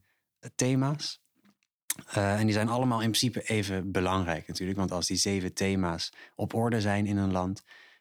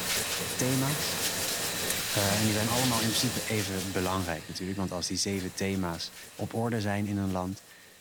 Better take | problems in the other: first | household noises; very loud; throughout; 2 dB above the speech

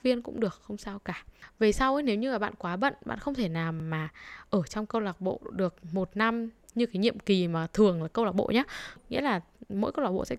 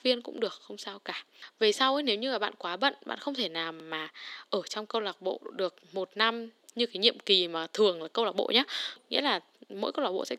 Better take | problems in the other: first | thin; somewhat; fading below 250 Hz

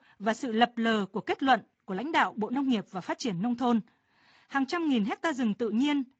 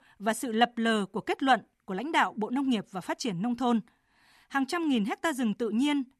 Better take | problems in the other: second | garbled, watery; slightly; nothing above 7.5 kHz

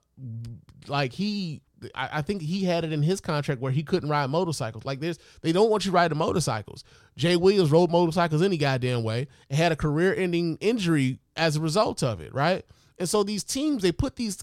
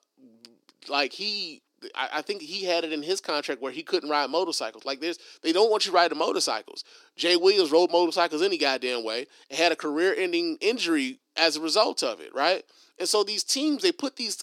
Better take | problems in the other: first | thin; somewhat; fading below 300 Hz

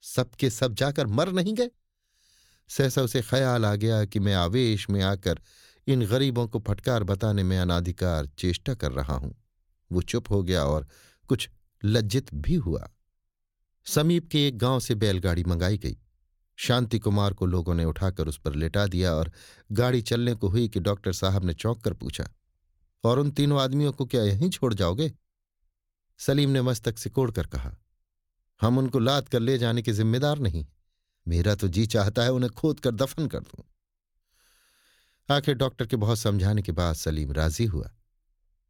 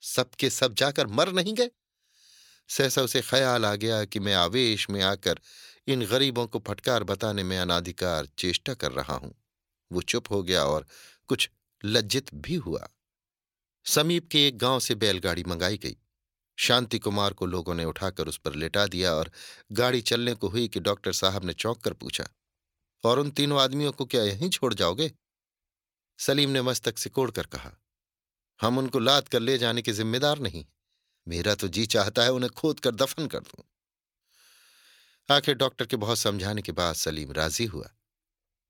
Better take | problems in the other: first | thin; somewhat; fading below 500 Hz

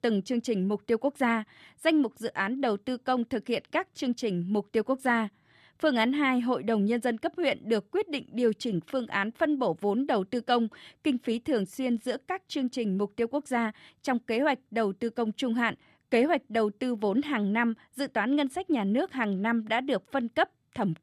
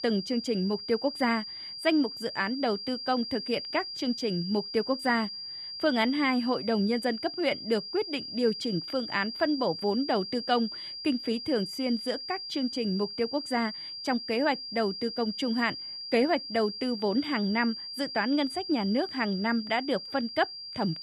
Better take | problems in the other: first | high-pitched whine; loud; throughout; 5 kHz, 7 dB below the speech

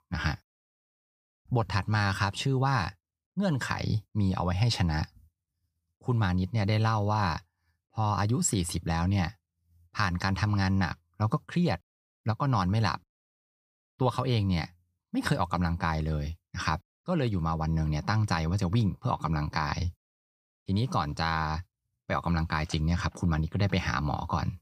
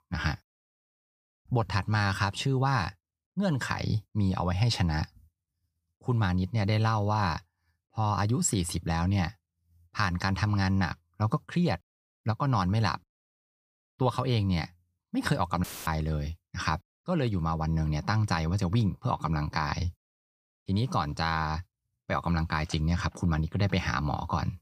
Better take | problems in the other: first | audio cutting out; filled with static; at 16 s

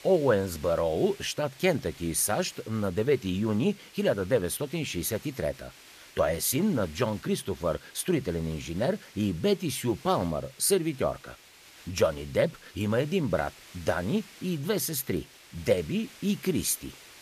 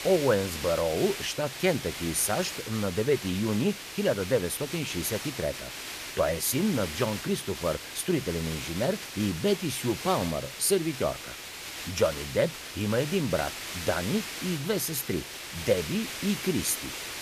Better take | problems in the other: first | hiss; loud; throughout; 7 dB below the speech; faint in the first

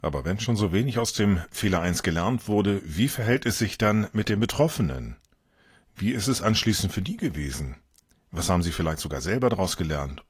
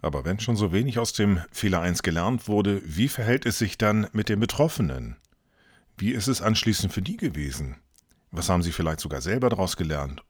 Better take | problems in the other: second | garbled, watery; slightly; nothing above 15 kHz

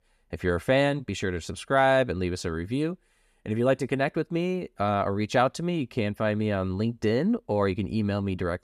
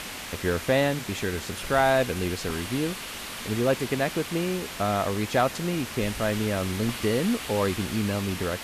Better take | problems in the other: first | hiss; loud; throughout; 8 dB below the speech

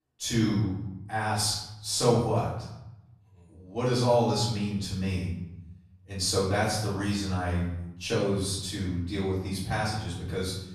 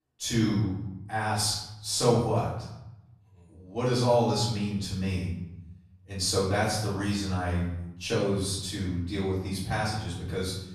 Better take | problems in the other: neither | room echo; noticeable; dies away in 0.9 s; the same in both // off-mic speech; far; the same in both

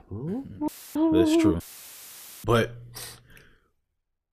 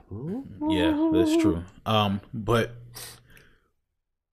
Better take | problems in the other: second | audio cutting out; filled with static; at 0.5 s and at 1.5 s for 1 s

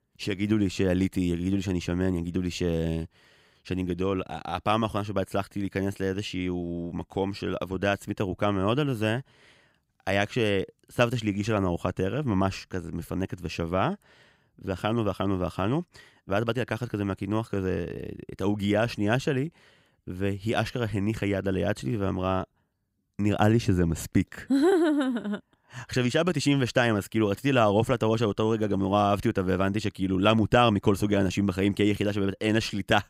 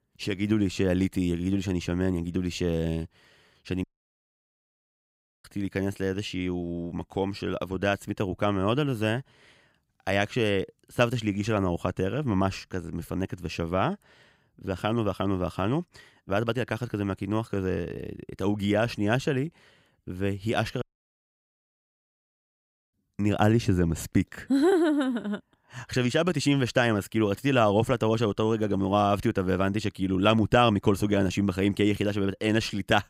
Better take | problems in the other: first | audio cutting out; at 4 s for 1.5 s and at 21 s for 2 s

